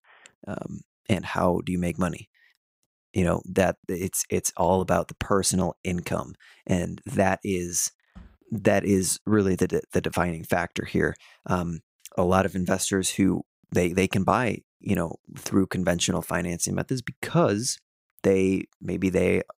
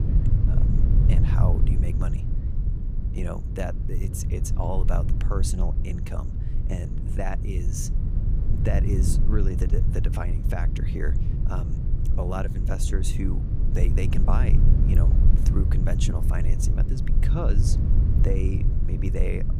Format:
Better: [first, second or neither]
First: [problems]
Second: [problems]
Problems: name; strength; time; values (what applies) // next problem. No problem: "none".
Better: first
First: none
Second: low rumble; loud; throughout; 3 dB below the speech